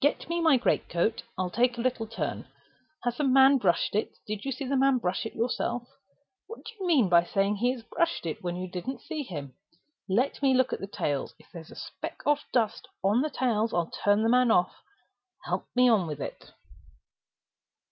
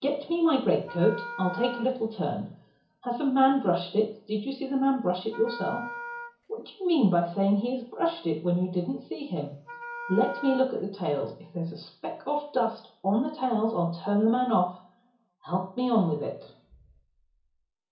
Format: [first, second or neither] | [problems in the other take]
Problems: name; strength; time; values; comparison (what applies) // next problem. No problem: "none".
first | background sound (Wind instrument, woodwind instrument); 14 dB below the speech // room echo; dies away in 0.7 s